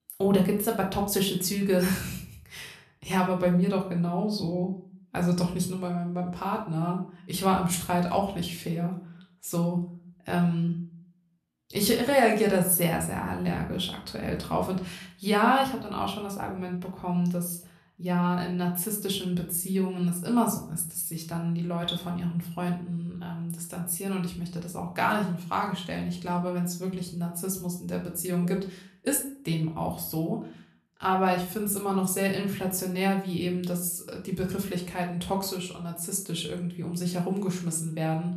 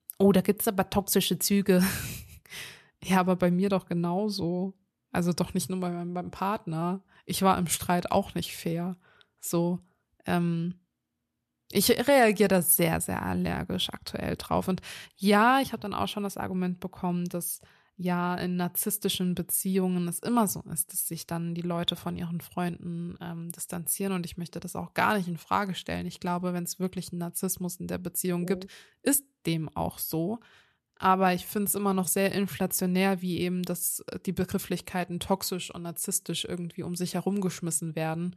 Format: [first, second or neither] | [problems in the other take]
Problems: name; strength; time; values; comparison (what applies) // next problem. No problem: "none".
second | room echo; slight; dies away in 0.4 s // off-mic speech; somewhat distant